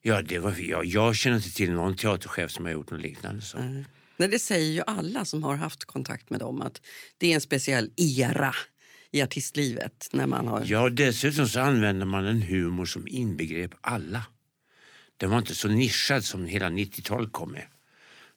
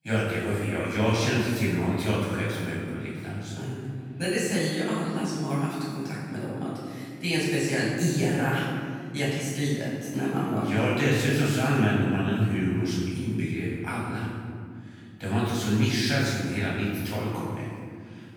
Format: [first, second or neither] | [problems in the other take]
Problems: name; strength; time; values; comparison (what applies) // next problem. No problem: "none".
first | off-mic speech; far // room echo; strong; dies away in 2.1 s